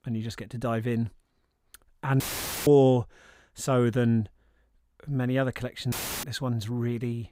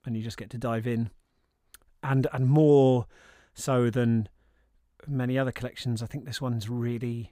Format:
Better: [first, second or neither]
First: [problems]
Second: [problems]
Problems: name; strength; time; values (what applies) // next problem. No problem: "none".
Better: second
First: audio cutting out; filled with static; at 2 s and at 6 s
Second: none